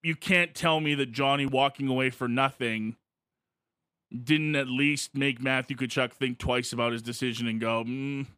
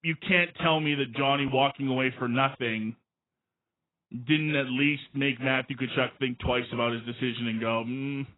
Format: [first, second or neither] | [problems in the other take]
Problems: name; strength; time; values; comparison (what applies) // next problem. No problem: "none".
first | garbled, watery; badly; nothing above 3.5 kHz